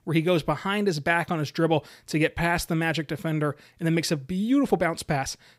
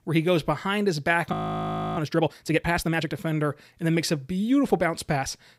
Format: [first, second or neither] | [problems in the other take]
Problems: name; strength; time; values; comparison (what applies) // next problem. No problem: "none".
first | audio freezing; at 1.5 s for 0.5 s